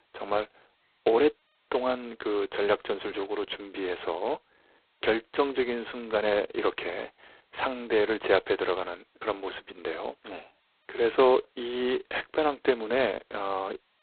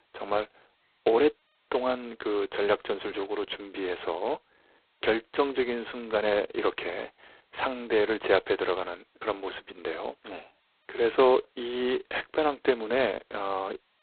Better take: neither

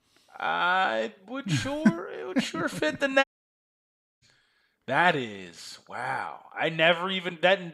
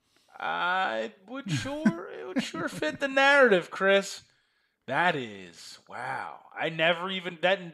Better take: second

